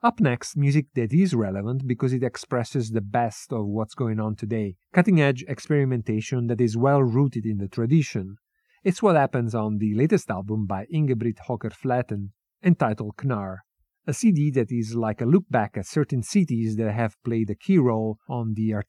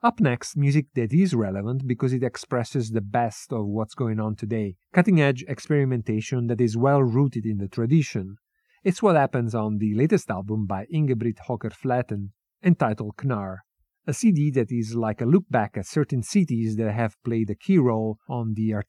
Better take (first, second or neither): neither